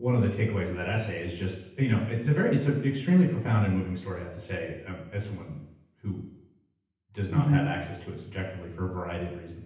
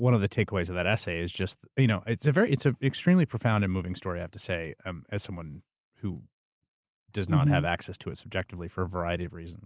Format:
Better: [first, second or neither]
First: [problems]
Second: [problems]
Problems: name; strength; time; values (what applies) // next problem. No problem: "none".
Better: second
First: room echo; dies away in 0.9 s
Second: none